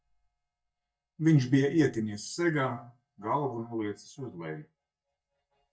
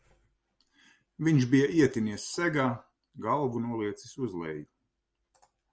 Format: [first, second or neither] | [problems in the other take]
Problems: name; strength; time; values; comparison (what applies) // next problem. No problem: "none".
second | noise reduction (neural mask model DeepFilterNet 3)